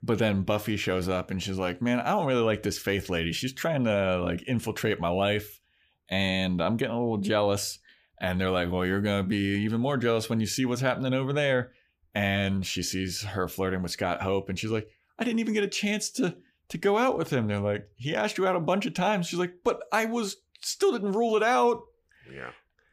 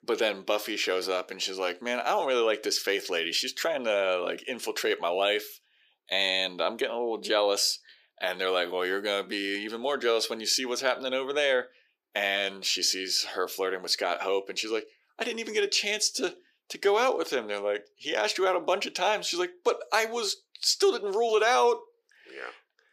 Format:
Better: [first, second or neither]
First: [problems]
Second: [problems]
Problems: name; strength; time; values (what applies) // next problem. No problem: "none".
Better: first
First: none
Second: thin; very; fading below 350 Hz